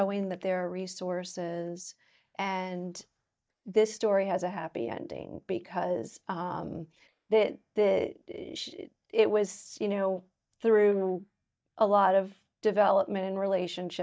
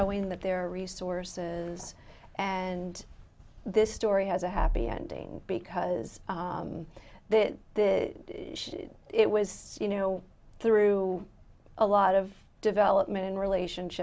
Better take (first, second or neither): second